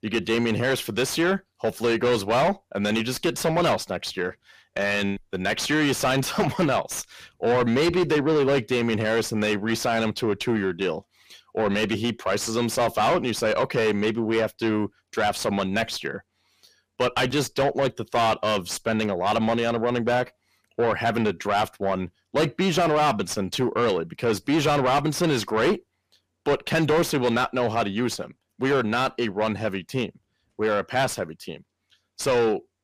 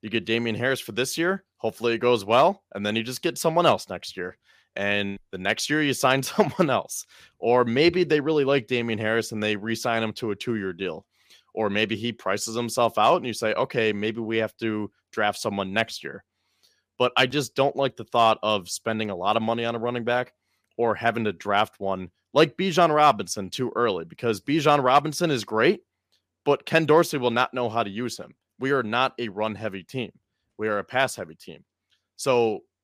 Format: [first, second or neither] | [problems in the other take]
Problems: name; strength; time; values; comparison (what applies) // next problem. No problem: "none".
second | distortion; heavy; 6 dB below the speech